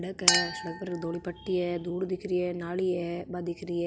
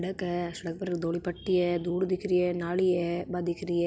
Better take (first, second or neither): second